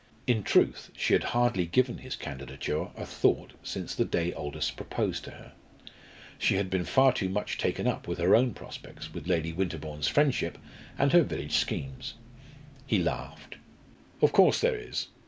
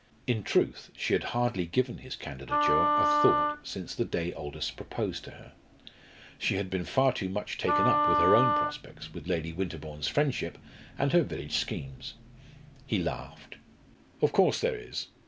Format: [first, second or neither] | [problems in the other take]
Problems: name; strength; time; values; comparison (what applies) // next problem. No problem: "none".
first | background sound (Wind instrument, woodwind instrument); 3 dB above the speech